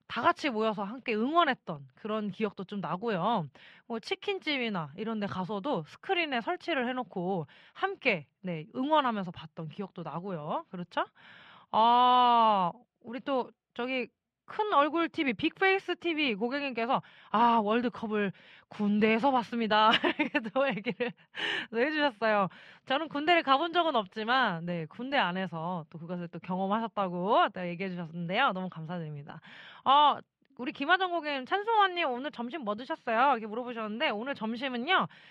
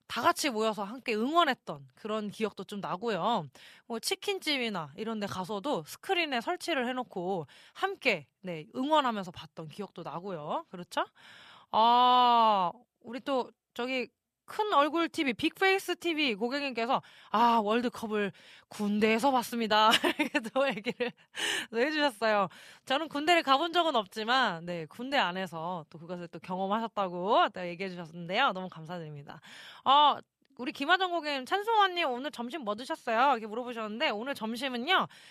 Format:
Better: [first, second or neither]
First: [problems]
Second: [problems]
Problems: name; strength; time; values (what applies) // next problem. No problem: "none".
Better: second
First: muffled; slightly; fading above 2.5 kHz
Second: none